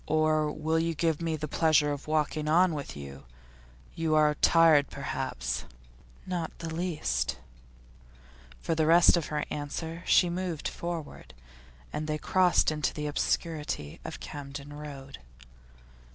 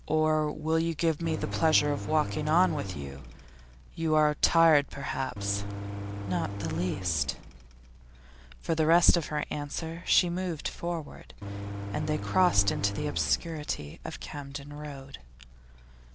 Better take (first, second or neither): first